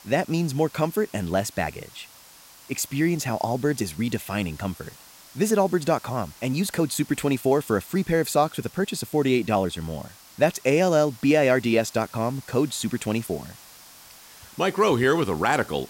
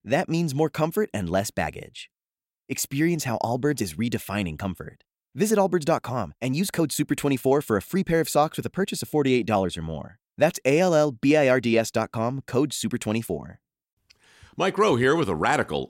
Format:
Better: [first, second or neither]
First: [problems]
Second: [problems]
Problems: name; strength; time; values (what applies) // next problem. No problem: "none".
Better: second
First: hiss; faint; throughout; 20 dB below the speech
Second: none